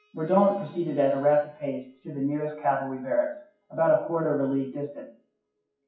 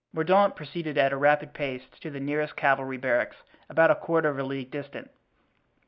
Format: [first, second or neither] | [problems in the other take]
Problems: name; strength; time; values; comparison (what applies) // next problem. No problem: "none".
second | noise reduction (classical method WPE with log-MMSE)